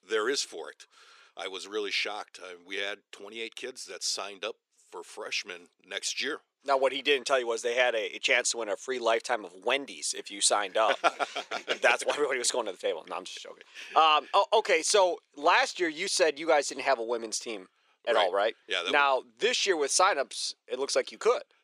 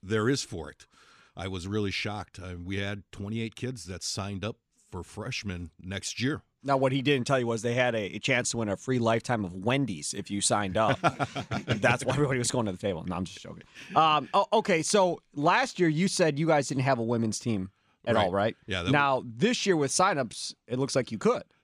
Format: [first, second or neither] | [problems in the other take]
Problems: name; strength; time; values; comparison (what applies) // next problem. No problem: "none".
second | thin; very; fading below 400 Hz